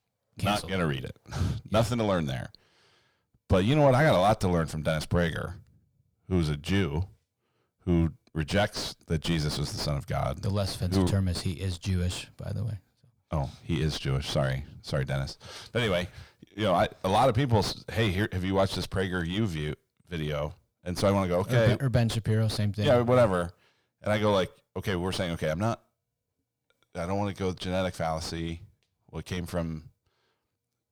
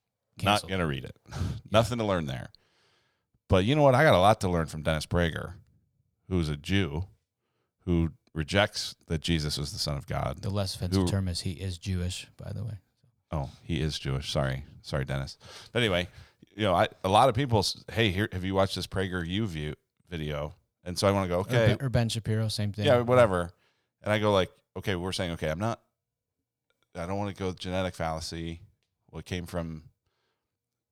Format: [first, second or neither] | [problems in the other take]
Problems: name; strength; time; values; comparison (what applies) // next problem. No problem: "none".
second | distortion; heavy; 6 dB below the speech